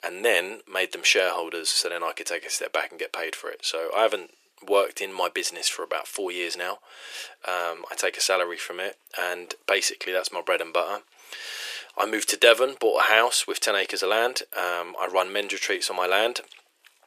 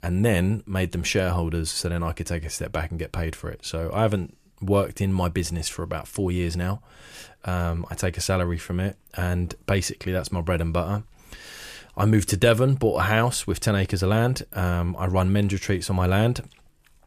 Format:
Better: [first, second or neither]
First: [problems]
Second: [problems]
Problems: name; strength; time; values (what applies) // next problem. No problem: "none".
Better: second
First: thin; very; fading below 400 Hz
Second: none